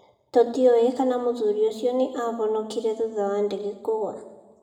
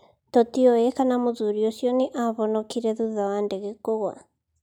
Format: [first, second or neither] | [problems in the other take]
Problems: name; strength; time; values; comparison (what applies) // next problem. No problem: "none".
second | room echo; dies away in 1.4 s